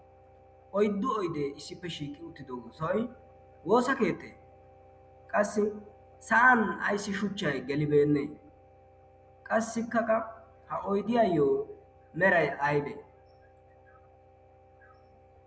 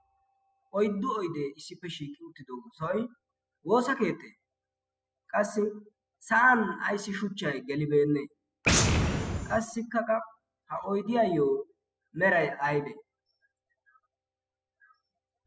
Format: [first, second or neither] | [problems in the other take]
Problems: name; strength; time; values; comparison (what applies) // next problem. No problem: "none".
first | noise reduction (classical method spectral subtraction)